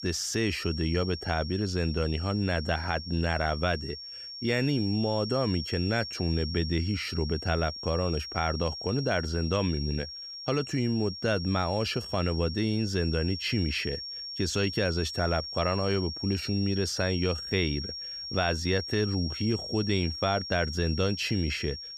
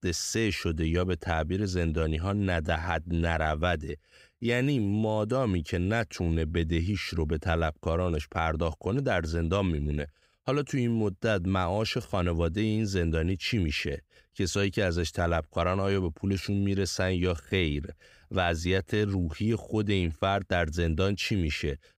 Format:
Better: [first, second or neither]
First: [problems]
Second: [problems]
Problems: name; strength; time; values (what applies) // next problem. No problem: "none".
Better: second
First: high-pitched whine; loud; throughout; 5.5 kHz, 7 dB below the speech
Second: none